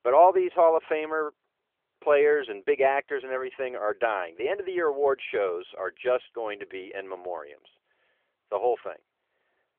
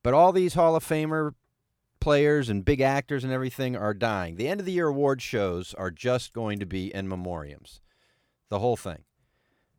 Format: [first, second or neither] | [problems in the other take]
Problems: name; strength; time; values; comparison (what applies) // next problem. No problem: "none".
second | phone-call audio; nothing above 3.5 kHz